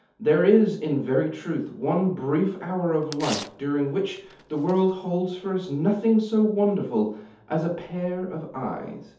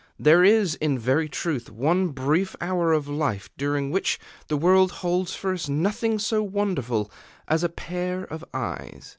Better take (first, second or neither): second